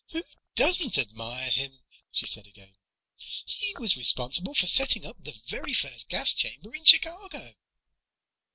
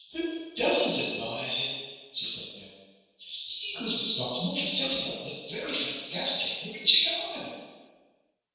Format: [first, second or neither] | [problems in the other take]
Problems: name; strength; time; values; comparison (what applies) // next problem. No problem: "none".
first | room echo; dies away in 1.2 s